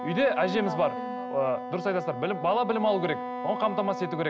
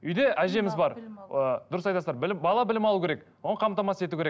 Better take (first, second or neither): second